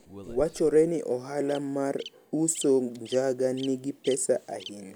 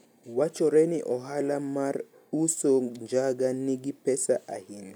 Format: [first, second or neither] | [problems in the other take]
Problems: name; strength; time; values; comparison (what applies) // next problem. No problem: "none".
second | background sound (Bird vocalization, bird call, bird song); 20 dB below the speech